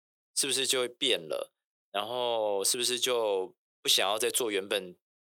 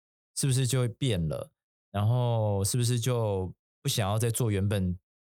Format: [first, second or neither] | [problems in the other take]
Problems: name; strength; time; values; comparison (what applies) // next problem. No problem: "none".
second | thin; very; fading below 350 Hz